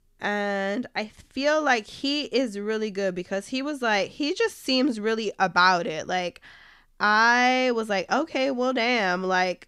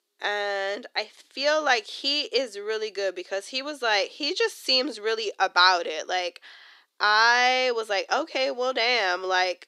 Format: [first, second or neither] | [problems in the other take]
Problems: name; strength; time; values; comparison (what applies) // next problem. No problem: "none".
first | thin; somewhat; fading below 350 Hz